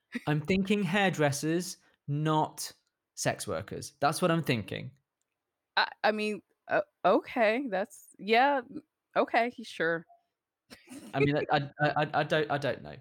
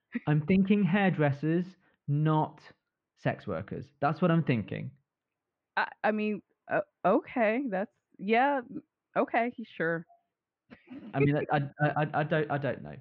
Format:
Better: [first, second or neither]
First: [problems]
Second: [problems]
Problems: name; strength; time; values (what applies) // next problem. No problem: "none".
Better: first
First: none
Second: muffled; very; fading above 3 kHz